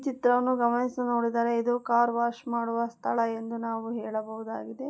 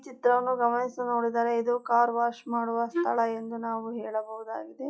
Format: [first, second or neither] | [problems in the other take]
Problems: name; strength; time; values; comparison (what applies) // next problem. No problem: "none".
first | noise reduction (classical method log-MMSE)